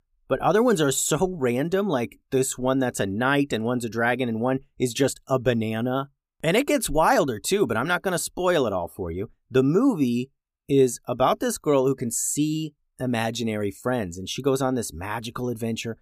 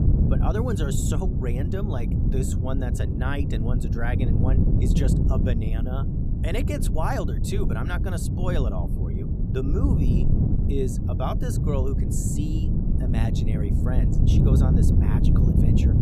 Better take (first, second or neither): first